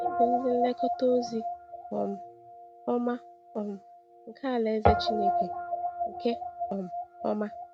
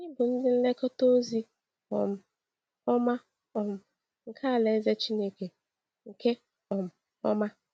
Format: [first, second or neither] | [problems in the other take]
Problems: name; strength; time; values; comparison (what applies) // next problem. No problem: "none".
second | background sound (Guitar); as loud as the speech